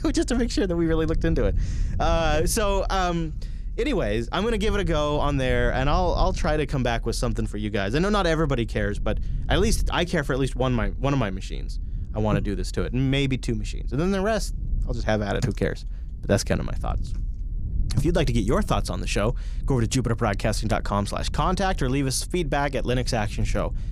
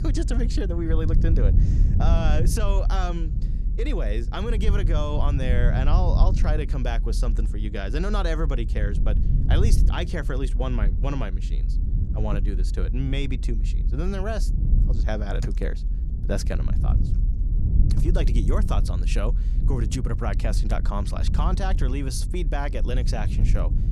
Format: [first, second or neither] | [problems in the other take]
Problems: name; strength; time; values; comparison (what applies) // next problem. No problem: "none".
first | low rumble; loud; throughout; 9 dB below the speech; faint in the first